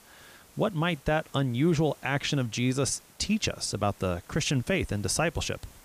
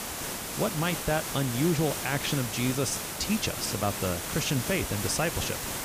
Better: first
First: hiss; faint; throughout; 25 dB below the speech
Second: hiss; loud; throughout; 3 dB below the speech

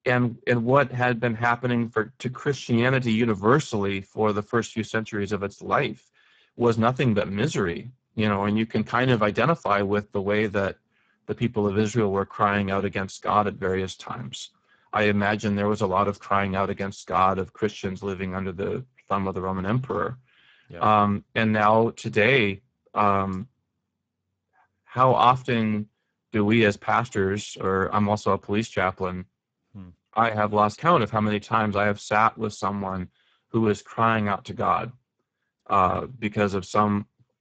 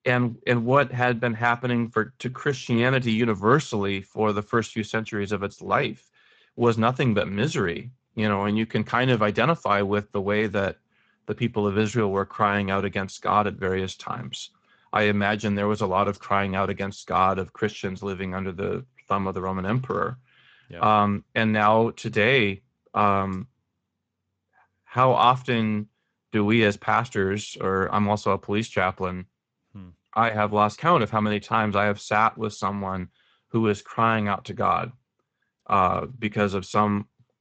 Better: second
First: garbled, watery; badly; nothing above 7.5 kHz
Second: garbled, watery; slightly; nothing above 7.5 kHz

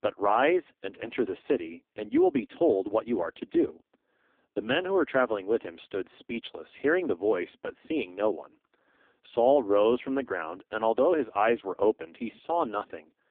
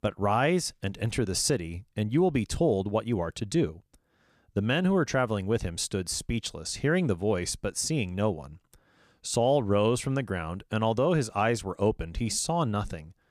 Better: second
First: phone-call audio; poor line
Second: none

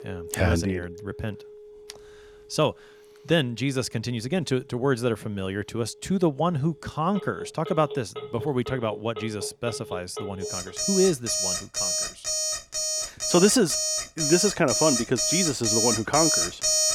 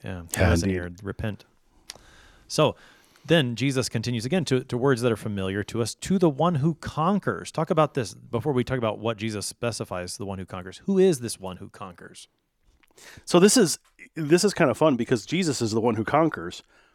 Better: second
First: alarms or sirens; very loud; throughout; 1 dB above the speech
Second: none

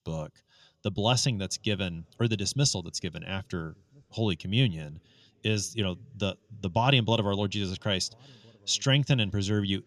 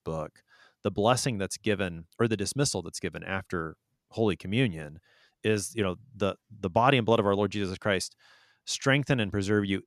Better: second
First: room echo; very slight; dies away in 3 s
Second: none

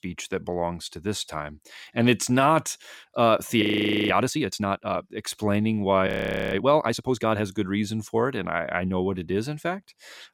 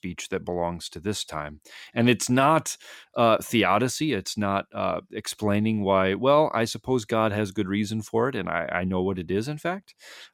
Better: second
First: audio freezing; at 3.5 s and at 6 s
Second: none

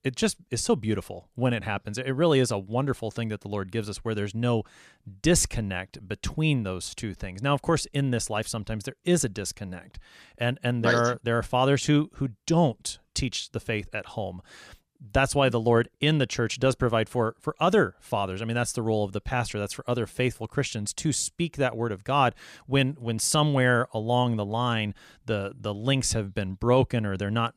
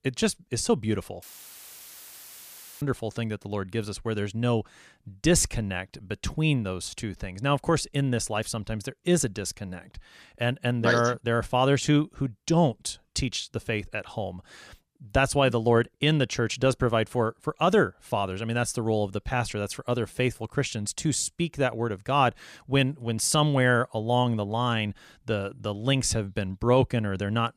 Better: first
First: none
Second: audio cutting out; filled with static; at 1 s for 1.5 s

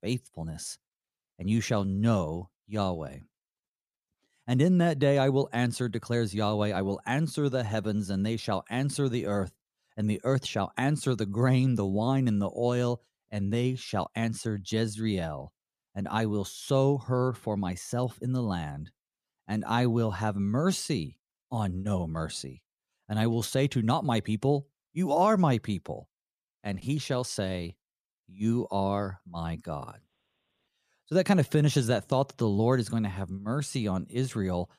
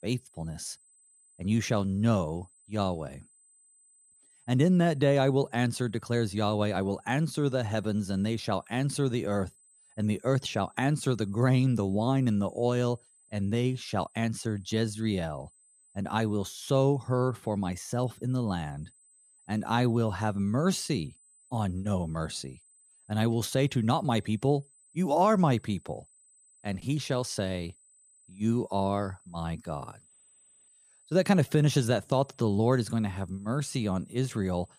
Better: first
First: none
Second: high-pitched whine; faint; throughout; 8 kHz, 30 dB below the speech

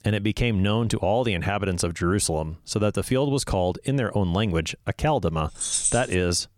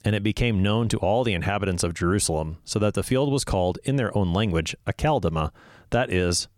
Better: second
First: jangling keys; loud; at 5.5 s; peak 2 dB above the speech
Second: none

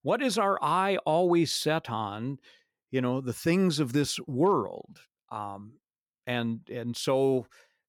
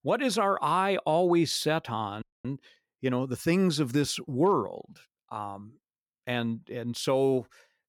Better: first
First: none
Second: audio freezing; at 2 s

